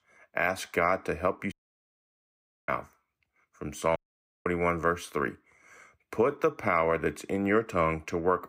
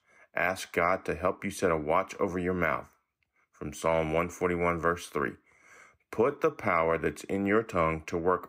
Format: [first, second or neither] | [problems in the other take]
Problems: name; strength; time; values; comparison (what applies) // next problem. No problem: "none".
second | audio cutting out; at 1.5 s for 1 s and at 4 s